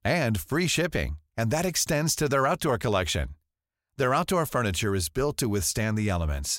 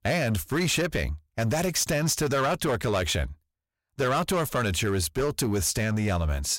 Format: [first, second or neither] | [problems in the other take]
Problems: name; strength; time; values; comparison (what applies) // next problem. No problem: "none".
first | distortion; slight; 11% of the sound clipped